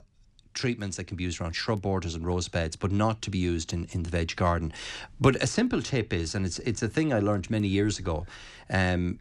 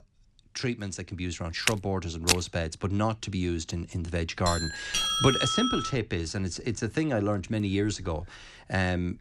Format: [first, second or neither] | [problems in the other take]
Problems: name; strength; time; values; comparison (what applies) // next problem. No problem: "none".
first | footsteps; loud; at 1.5 s; peak 4 dB above the speech // doorbell; loud; from 4.5 to 6 s; peak 5 dB above the speech